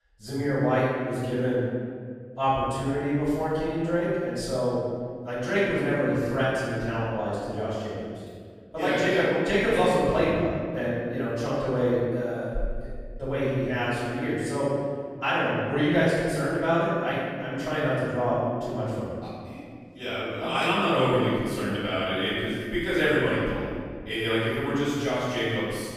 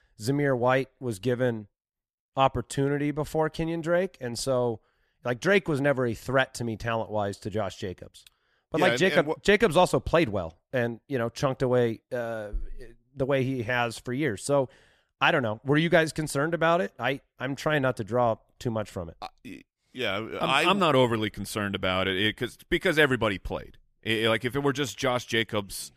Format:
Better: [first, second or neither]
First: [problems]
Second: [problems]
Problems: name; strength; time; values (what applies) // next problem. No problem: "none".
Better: second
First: off-mic speech; far // room echo; strong; dies away in 1.9 s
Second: none